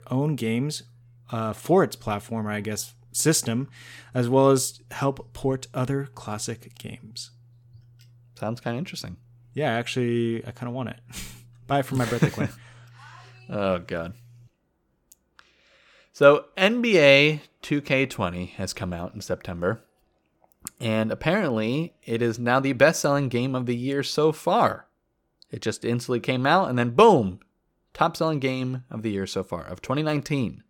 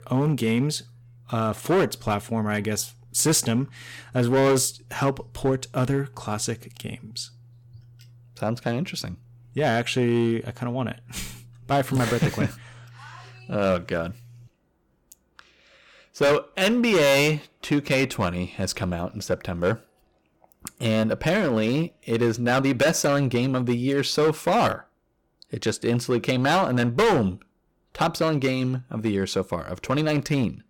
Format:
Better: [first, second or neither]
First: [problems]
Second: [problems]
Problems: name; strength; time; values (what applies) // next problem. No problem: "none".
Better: first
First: none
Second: distortion; heavy; 6% of the sound clipped